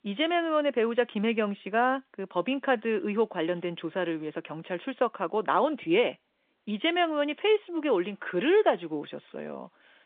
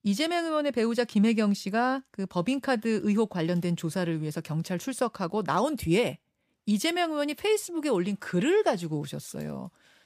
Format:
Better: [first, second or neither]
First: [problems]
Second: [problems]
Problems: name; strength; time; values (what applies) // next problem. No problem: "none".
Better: second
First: phone-call audio; nothing above 3.5 kHz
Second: none